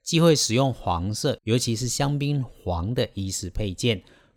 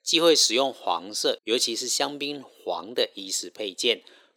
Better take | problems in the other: first | thin; very; fading below 350 Hz

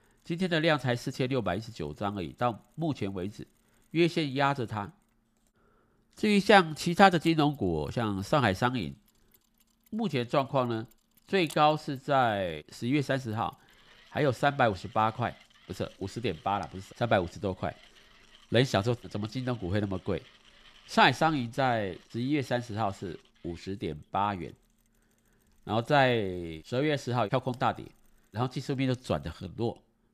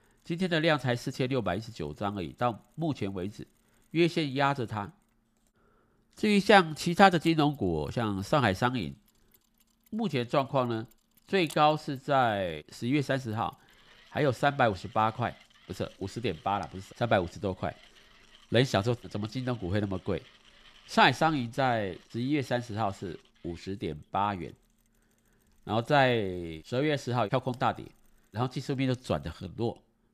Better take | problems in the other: neither | machinery noise; faint; throughout; 30 dB below the speech; the same in both

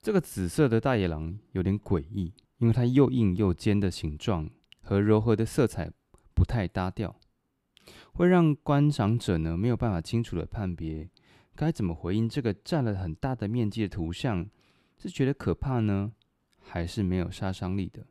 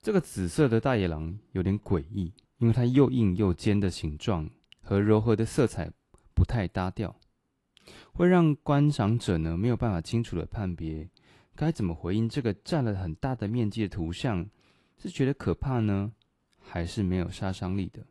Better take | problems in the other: first | garbled, watery; slightly; nothing above 11.5 kHz

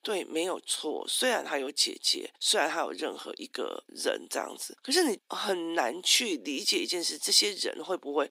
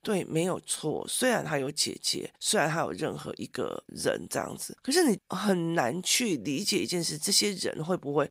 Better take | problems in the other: second | thin; somewhat; fading below 250 Hz

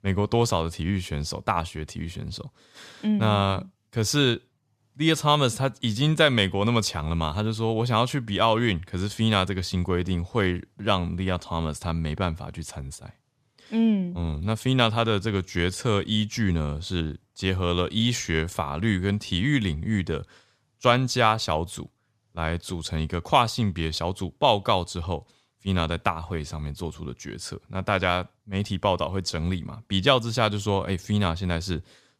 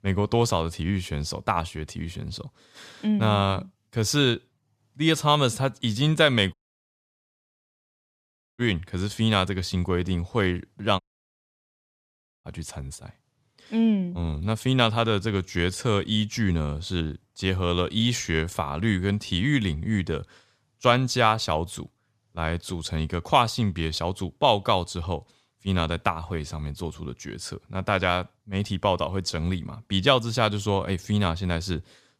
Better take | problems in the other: first | audio cutting out; at 6.5 s for 2 s and at 11 s for 1.5 s

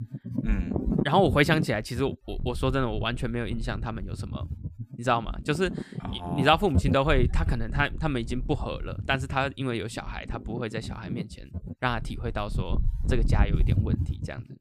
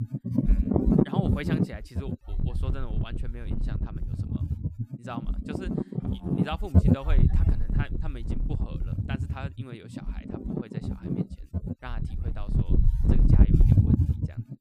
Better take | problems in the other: first | wind noise on the microphone; heavy; 5 dB above the speech; occasional gusts in the first

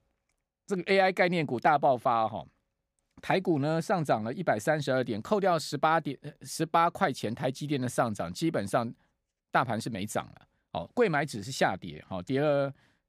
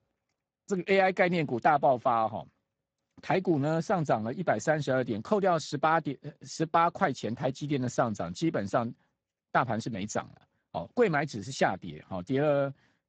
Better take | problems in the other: first | garbled, watery; badly; nothing above 7.5 kHz

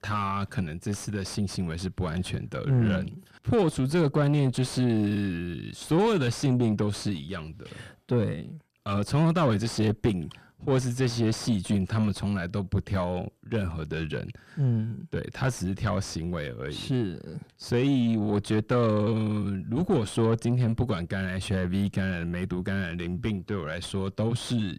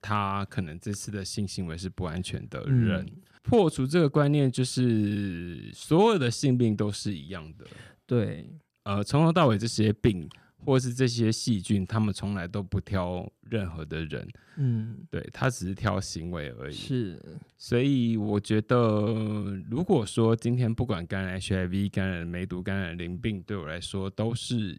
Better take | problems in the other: second | distortion; slight; 9 dB below the speech

